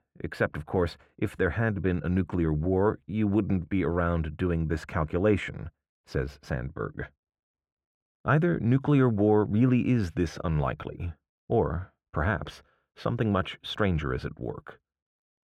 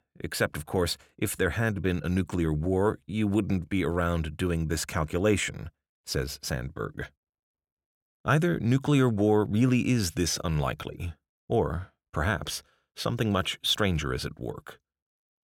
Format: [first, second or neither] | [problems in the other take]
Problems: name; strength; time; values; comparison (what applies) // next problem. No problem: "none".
second | muffled; very; fading above 3.5 kHz